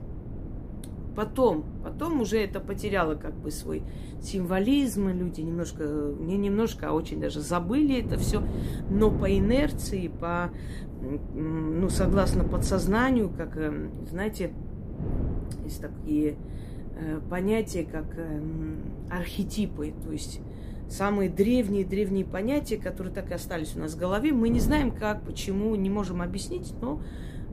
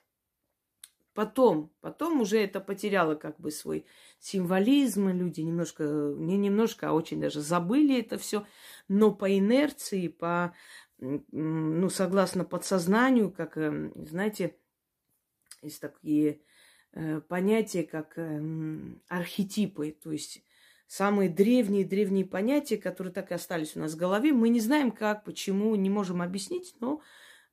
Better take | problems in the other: second | wind noise on the microphone; occasional gusts; 15 dB below the speech

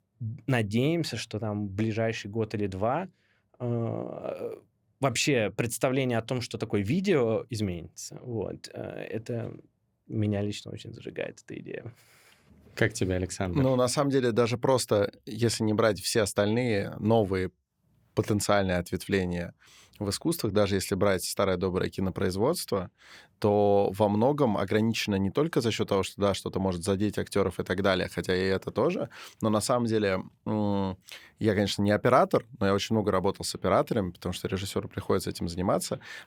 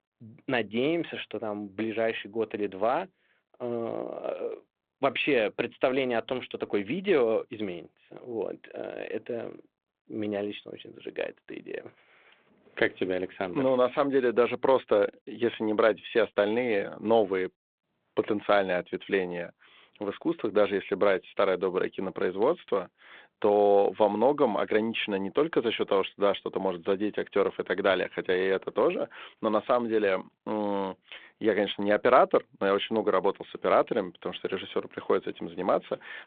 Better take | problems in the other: first | phone-call audio; nothing above 3.5 kHz

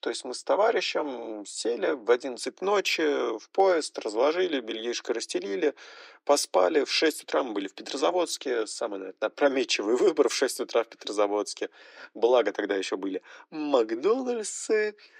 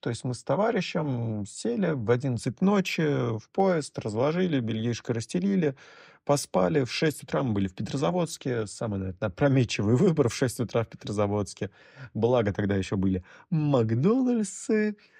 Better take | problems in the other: second | thin; somewhat; fading below 300 Hz

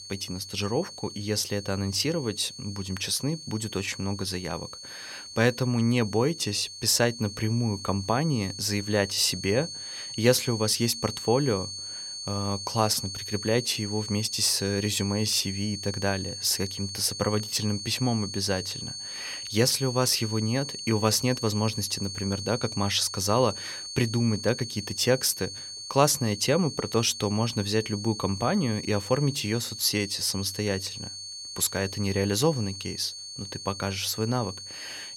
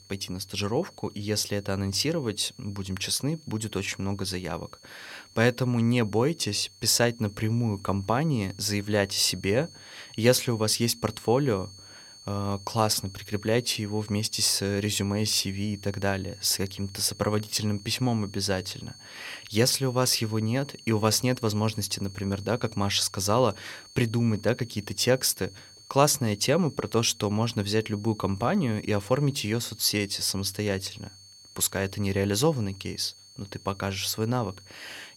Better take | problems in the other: second | high-pitched whine; loud; throughout; 4.5 kHz, 9 dB below the speech; faint in the second

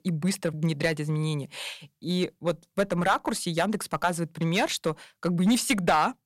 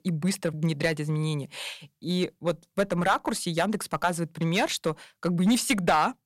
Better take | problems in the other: neither | distortion; slight; 2% of the sound clipped; the same in both

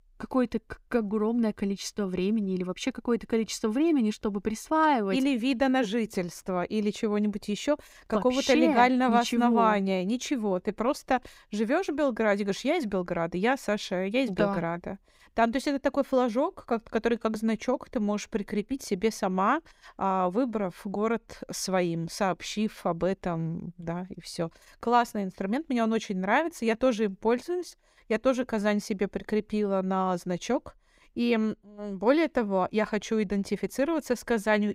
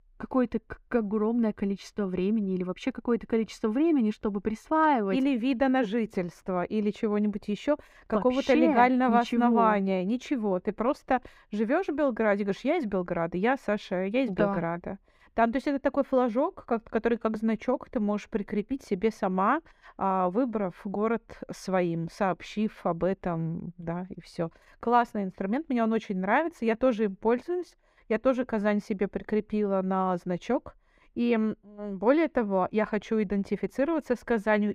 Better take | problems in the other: first | muffled; slightly; fading above 3.5 kHz

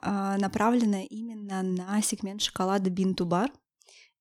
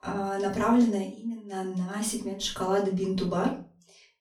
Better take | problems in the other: first | off-mic speech; far // room echo; slight; dies away in 0.3 s

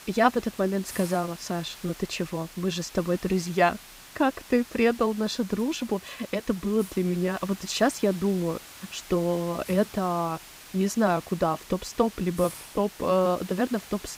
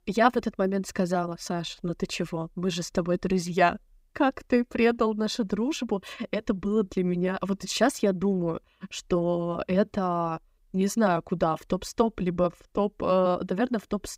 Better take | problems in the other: second | hiss; noticeable; throughout; 15 dB below the speech

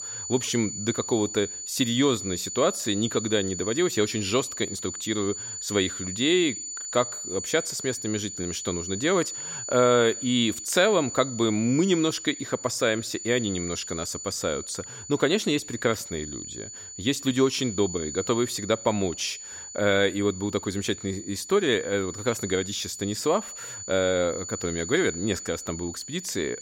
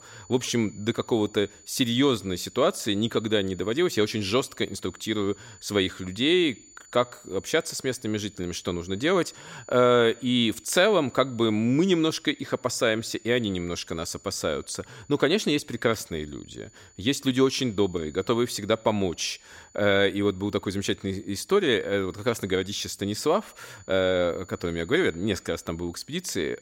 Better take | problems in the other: second | high-pitched whine; loud; throughout; 7 kHz, 8 dB below the speech; faint in the second

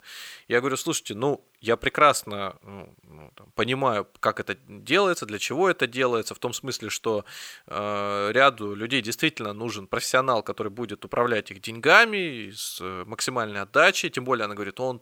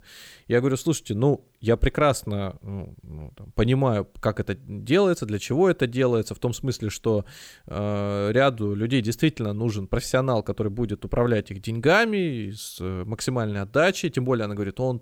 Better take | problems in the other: second | thin; somewhat; fading below 750 Hz

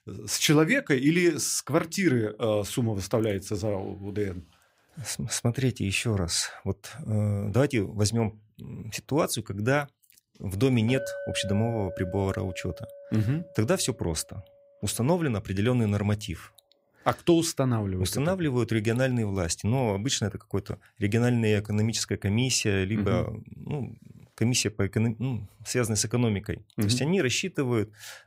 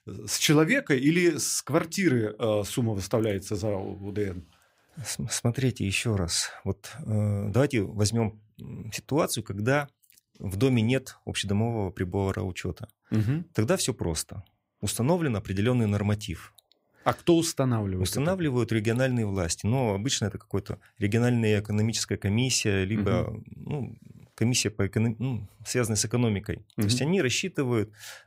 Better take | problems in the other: second | clattering dishes; noticeable; from 11 to 14 s; peak 8 dB below the speech

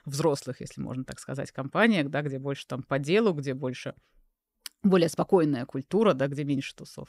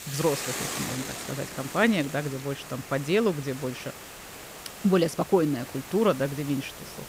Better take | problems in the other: first | hiss; loud; throughout; 9 dB below the speech

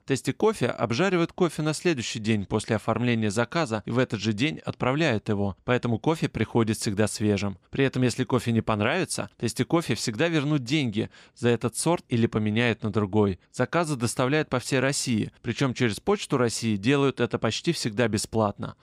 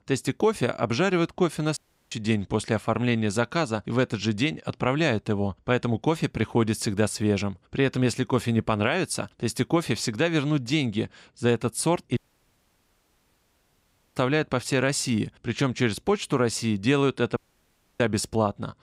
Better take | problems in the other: first | audio cutting out; at 2 s, at 12 s for 2 s and at 17 s for 0.5 s

